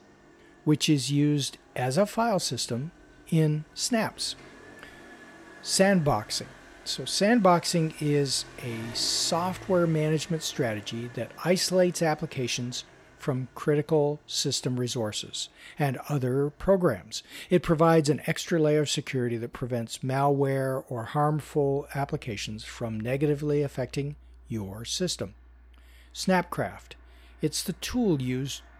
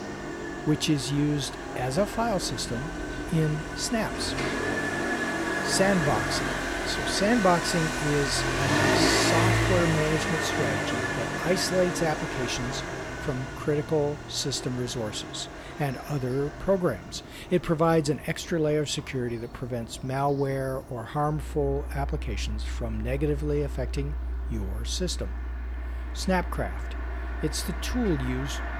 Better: first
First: traffic noise; faint; throughout; 25 dB below the speech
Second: traffic noise; loud; throughout; 1 dB below the speech

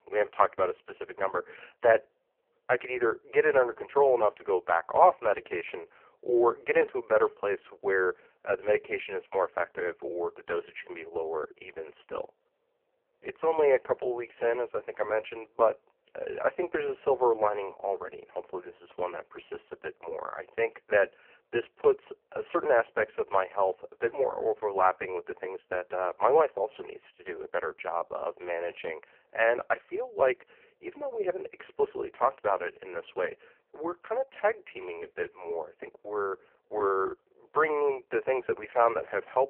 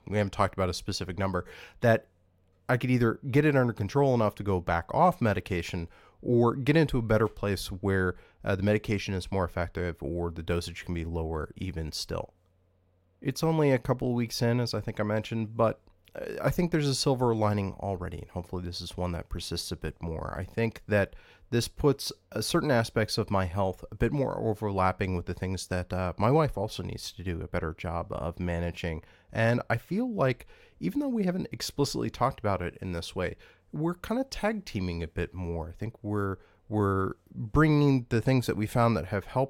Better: second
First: phone-call audio; poor line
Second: none

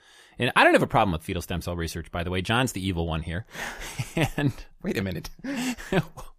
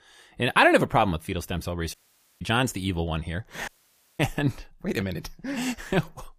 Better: first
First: none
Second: audio cutting out; at 2 s and at 3.5 s for 0.5 s

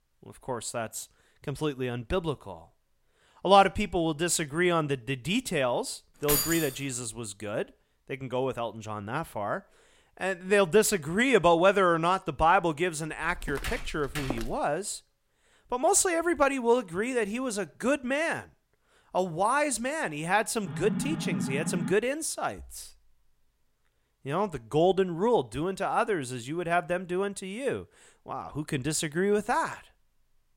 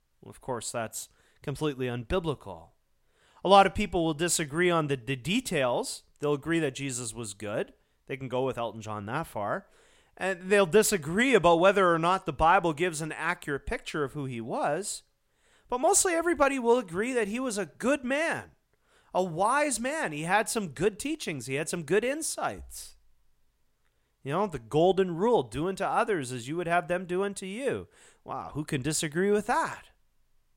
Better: second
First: jangling keys; loud; at 6.5 s; peak 2 dB above the speech // footsteps; noticeable; from 13 to 15 s; peak 8 dB below the speech // alarm; noticeable; from 21 to 22 s; peak 4 dB below the speech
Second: none

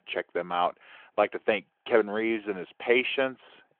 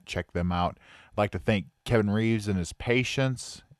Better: second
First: phone-call audio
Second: none

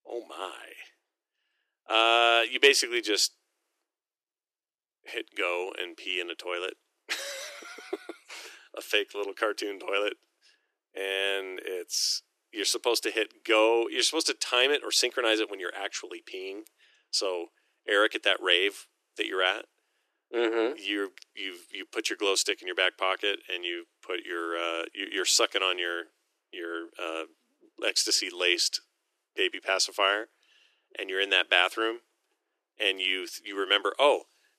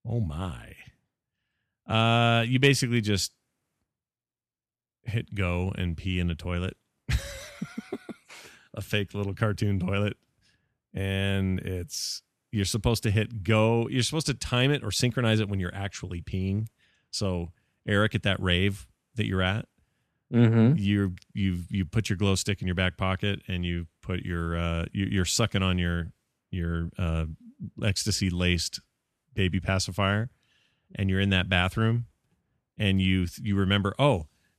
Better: second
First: thin; very; fading below 300 Hz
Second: none

